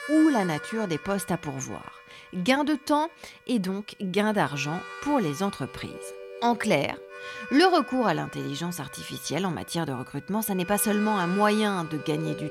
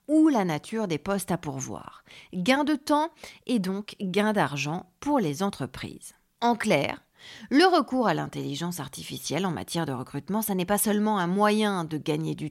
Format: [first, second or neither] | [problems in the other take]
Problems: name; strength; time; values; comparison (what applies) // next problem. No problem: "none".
second | background music; noticeable; throughout; 15 dB below the speech